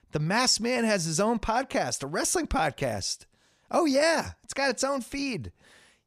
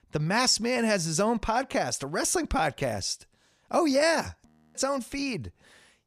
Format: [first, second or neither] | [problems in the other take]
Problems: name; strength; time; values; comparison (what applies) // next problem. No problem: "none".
first | audio freezing; at 4.5 s